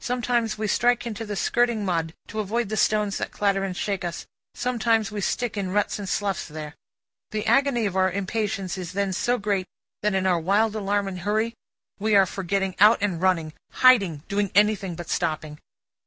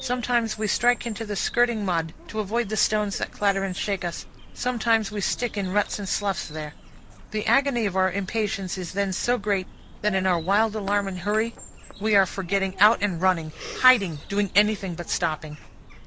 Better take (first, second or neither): first